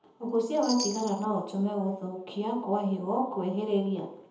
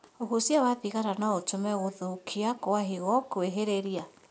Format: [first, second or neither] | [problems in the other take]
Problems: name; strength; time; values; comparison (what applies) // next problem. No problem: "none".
second | background sound (Chime); 10 dB below the speech // room echo; dies away in 0.7 s